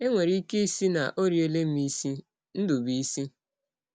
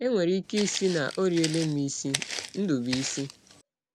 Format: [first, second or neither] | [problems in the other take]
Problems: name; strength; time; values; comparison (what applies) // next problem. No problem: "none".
first | background sound (Walk, footsteps); 9 dB below the speech